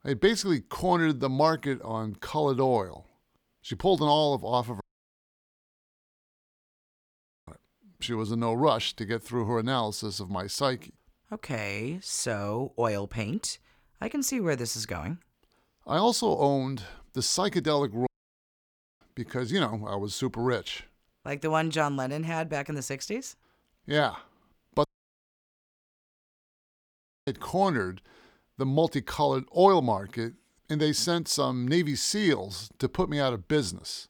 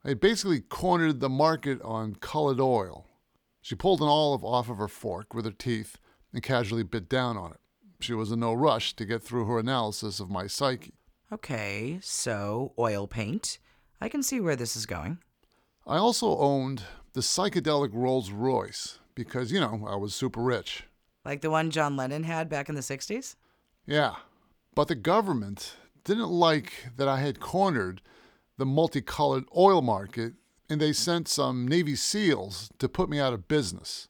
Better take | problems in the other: second | audio cutting out; at 5 s for 2.5 s, at 18 s for 1 s and at 25 s for 2.5 s

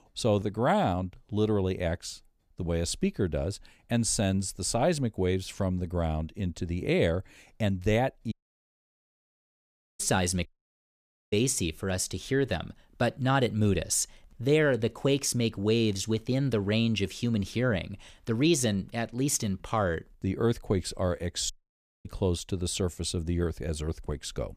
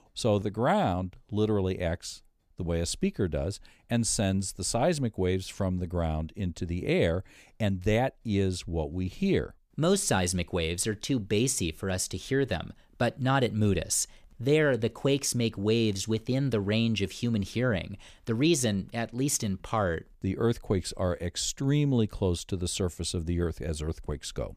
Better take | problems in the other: second | audio cutting out; at 8.5 s for 1.5 s, at 10 s for 1 s and at 22 s for 0.5 s

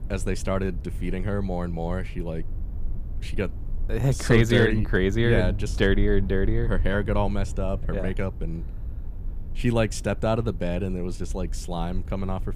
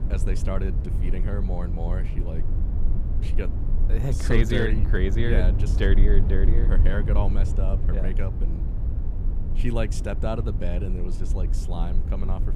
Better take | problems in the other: first | low rumble; loud; throughout; 9 dB below the speech; faint in the first

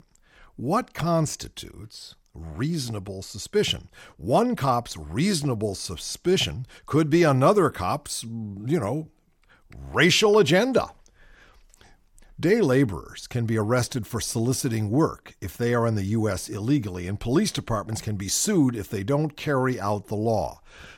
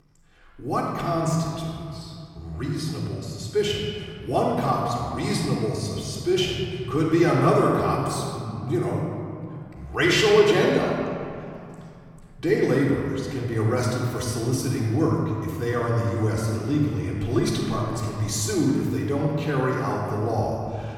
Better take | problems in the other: first | off-mic speech; far // room echo; noticeable; dies away in 2.3 s

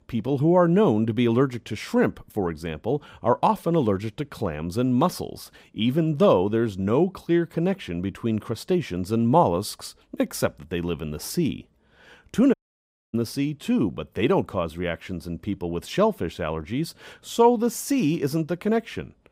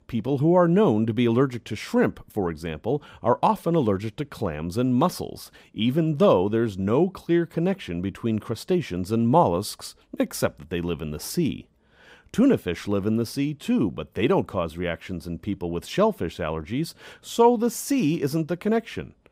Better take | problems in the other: second | audio cutting out; at 13 s for 0.5 s

